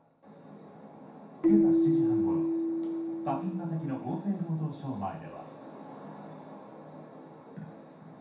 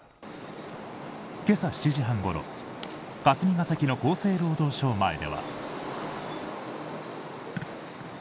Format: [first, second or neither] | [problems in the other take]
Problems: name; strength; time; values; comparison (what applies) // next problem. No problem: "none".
second | background sound (Keyboard (musical)); 5 dB above the speech // room echo; dies away in 0.7 s